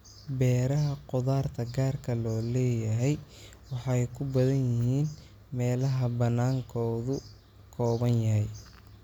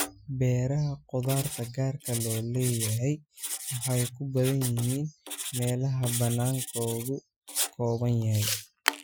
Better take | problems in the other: first | noise reduction (classical method Wiener filter)

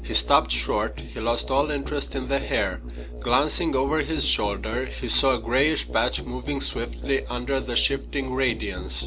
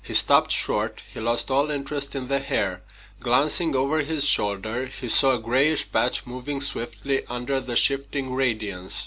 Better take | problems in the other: second | background sound (Musical instrument); 8 dB below the speech

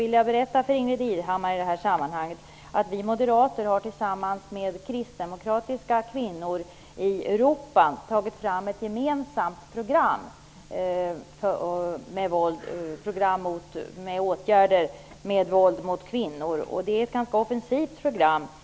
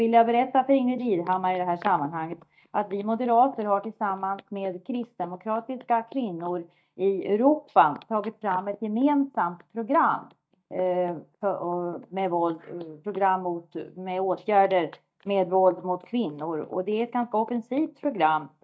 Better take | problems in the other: first | noise reduction (neural mask model DeepFilterNet 3)

